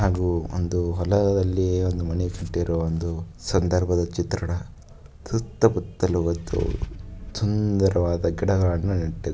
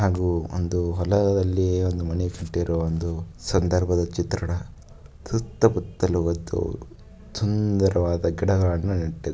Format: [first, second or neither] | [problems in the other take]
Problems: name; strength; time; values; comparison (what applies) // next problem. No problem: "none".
second | background sound (Idling / Engine starting / Car); 13 dB below the speech